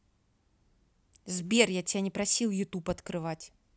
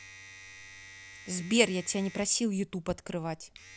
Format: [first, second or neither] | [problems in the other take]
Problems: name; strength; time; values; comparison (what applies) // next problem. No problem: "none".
first | background sound (Domestic sounds, home sounds); 18 dB below the speech